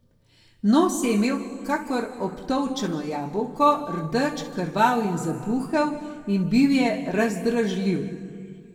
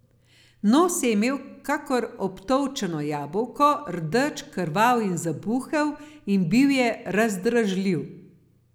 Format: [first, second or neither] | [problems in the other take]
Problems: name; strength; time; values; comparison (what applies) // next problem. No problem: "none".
second | room echo; dies away in 1.6 s